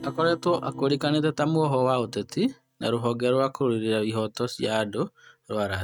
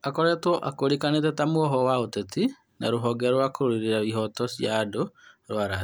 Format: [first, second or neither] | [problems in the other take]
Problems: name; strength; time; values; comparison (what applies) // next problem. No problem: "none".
second | noise reduction (neural mask model RNNoise)